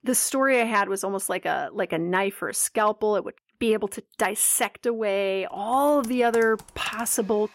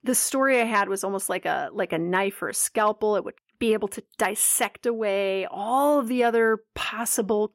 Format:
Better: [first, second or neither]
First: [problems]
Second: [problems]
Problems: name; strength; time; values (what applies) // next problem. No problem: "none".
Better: second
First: household noises; faint; from 5.5 s on; 20 dB below the speech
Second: none